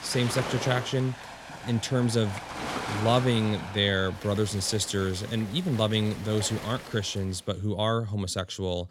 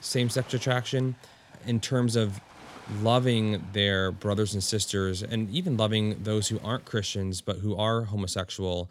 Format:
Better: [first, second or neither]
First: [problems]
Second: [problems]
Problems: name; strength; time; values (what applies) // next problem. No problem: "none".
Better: second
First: rain or running water; loud; until 7 s; 10 dB below the speech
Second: rain or running water; faint; until 7 s; 25 dB below the speech